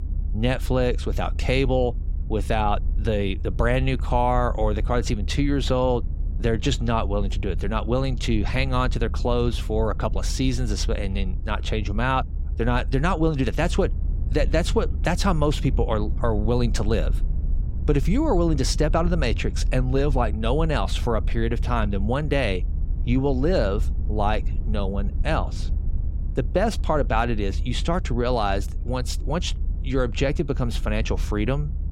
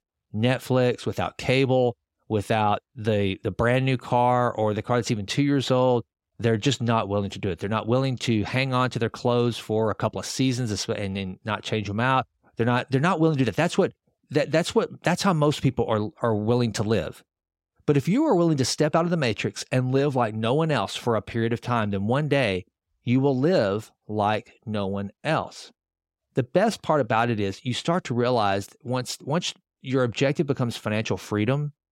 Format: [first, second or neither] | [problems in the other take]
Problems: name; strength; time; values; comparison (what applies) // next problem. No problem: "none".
second | low rumble; faint; throughout; 20 dB below the speech